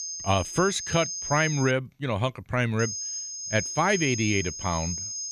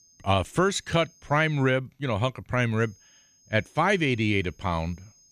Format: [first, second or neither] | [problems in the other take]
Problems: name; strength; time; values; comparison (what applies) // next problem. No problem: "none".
second | high-pitched whine; loud; until 1.5 s and from 3 s on; 6.5 kHz, 5 dB below the speech; faint in the second